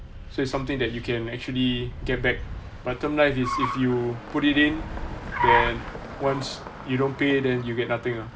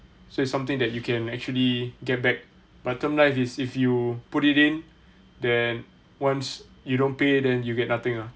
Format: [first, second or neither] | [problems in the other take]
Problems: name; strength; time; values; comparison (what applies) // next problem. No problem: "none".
second | background sound (Car); 5 dB below the speech